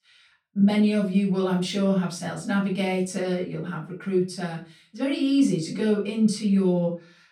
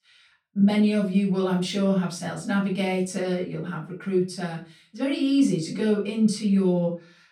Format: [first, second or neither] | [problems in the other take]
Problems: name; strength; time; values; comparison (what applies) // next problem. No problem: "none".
neither | off-mic speech; far; the same in both // room echo; slight; dies away in 0.3 s; the same in both